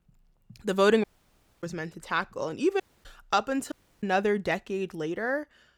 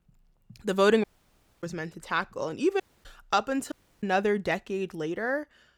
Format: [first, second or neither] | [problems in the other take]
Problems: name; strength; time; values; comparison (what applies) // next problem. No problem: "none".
neither | audio cutting out; at 1 s for 0.5 s, at 3 s and at 3.5 s; the same in both